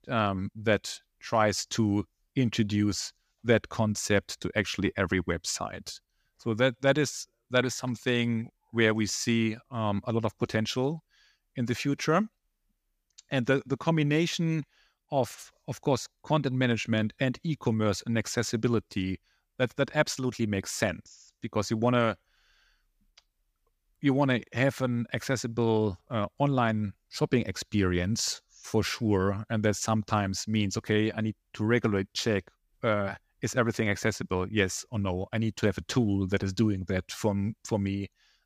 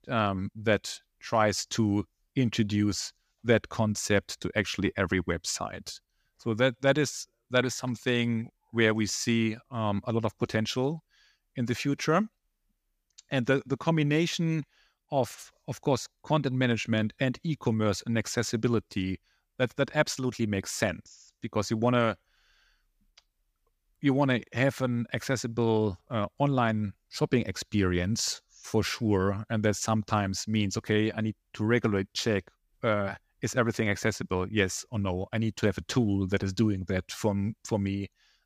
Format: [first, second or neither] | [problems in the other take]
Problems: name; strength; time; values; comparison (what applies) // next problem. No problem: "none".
neither | none